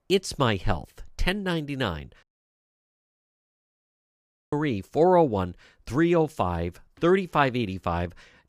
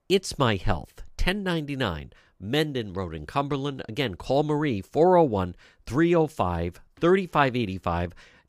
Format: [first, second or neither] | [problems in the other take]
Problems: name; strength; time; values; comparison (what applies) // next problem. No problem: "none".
second | audio cutting out; at 2 s for 2.5 s